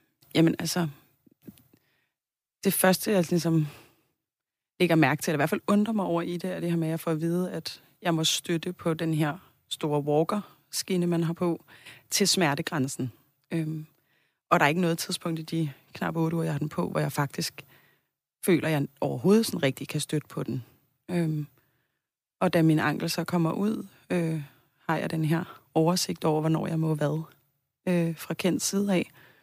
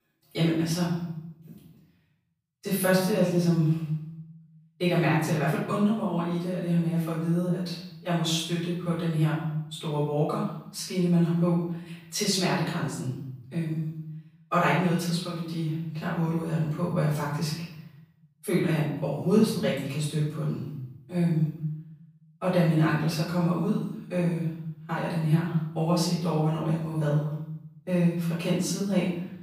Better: first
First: none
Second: off-mic speech; far // room echo; noticeable; dies away in 0.9 s

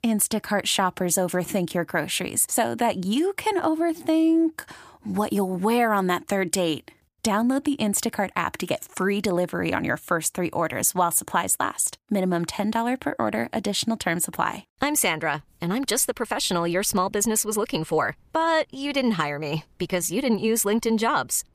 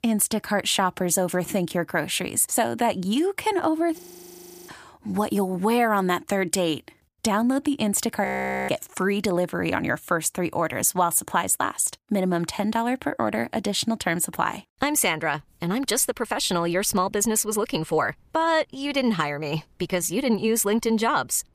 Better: first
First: none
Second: audio freezing; at 4 s for 0.5 s and at 8.5 s

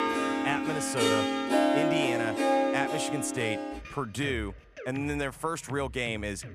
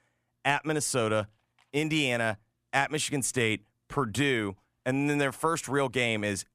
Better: second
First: background music; very loud; throughout; 4 dB above the speech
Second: none

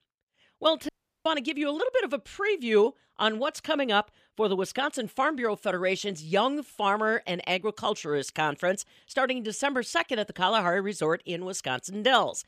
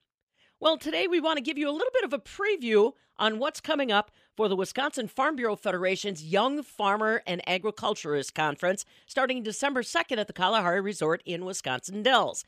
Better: second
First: audio cutting out; at 1 s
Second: none

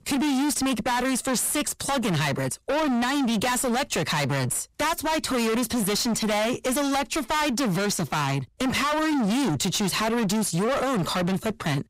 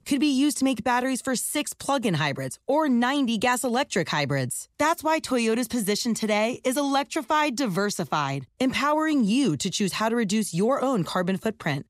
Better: second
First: distortion; heavy; 42% of the sound clipped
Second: none

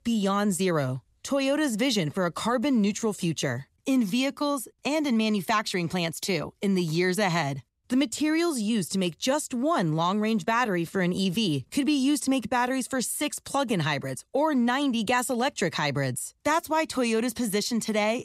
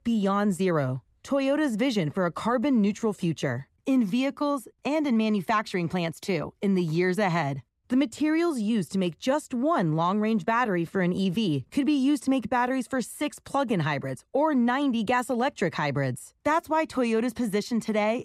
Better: first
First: none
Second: muffled; slightly; fading above 3 kHz

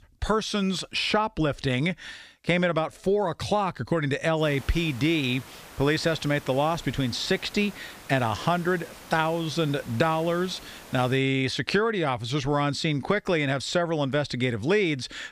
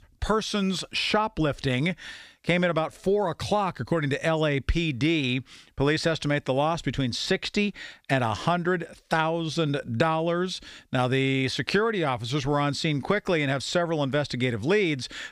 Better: second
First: hiss; noticeable; from 4.5 to 11 s; 20 dB below the speech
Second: none

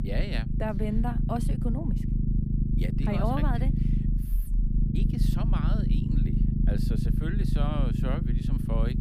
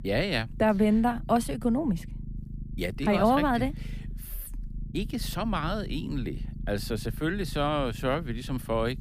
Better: second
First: low rumble; loud; throughout; 2 dB below the speech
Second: low rumble; faint; throughout; 25 dB below the speech

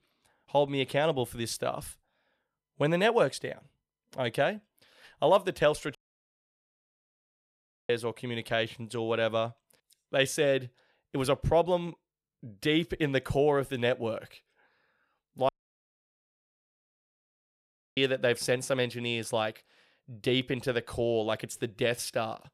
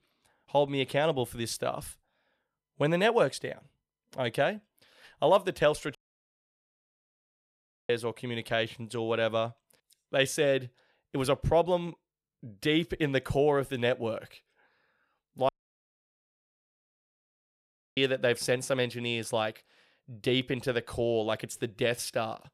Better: neither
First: audio cutting out; at 6 s for 2 s and at 15 s for 2.5 s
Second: audio cutting out; at 6 s for 2 s and at 15 s for 2.5 s

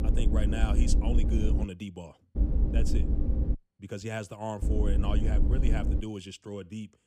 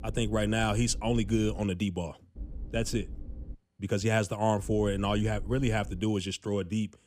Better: second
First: low rumble; loud; until 1.5 s, from 2.5 to 3.5 s and from 4.5 to 6 s; 3 dB below the speech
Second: low rumble; faint; until 1.5 s, from 2.5 to 3.5 s and from 4.5 to 6 s; 25 dB below the speech

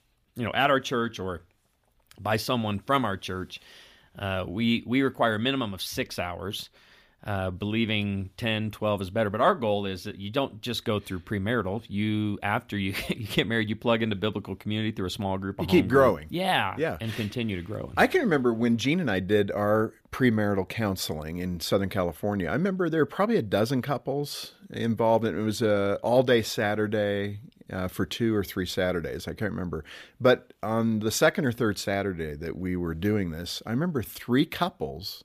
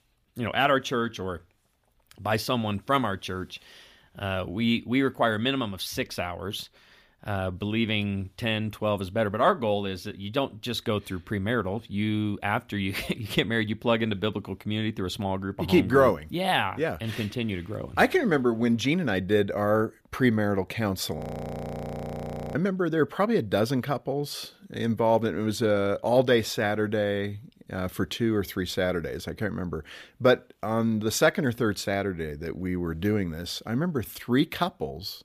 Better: first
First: none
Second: audio freezing; at 21 s for 1.5 s

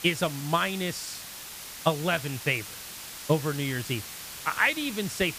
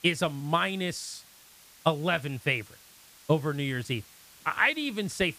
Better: second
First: hiss; loud; throughout; 10 dB below the speech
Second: hiss; faint; throughout; 25 dB below the speech

